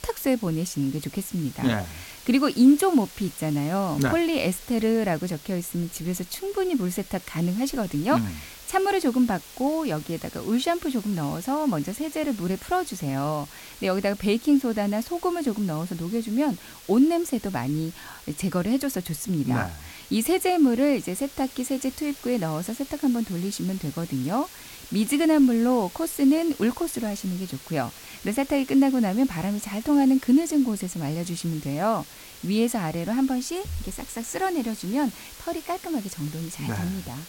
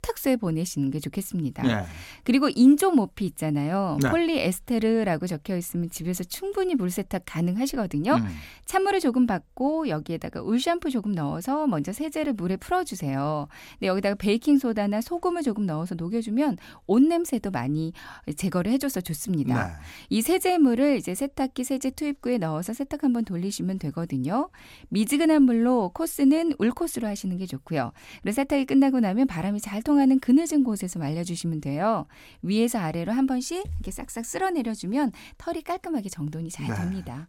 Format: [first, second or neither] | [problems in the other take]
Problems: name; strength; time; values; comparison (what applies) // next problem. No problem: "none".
second | hiss; noticeable; throughout; 15 dB below the speech